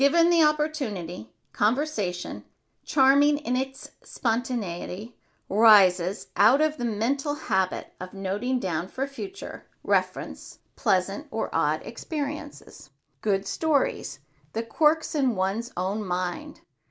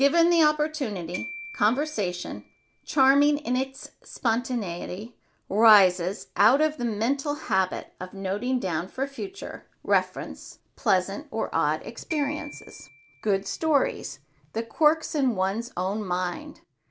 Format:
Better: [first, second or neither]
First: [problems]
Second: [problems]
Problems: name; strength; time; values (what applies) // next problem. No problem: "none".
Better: first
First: none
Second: background sound (Glockenspiel); 18 dB below the speech